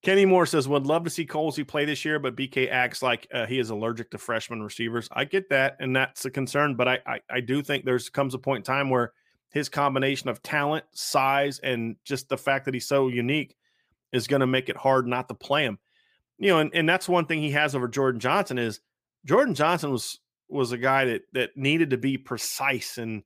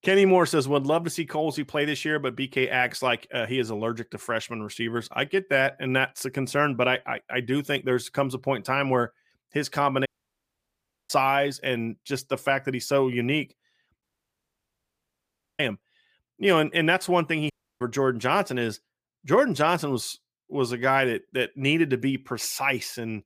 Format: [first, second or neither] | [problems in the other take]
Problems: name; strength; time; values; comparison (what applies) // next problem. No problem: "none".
first | audio cutting out; at 10 s for 1 s, at 14 s for 1.5 s and at 18 s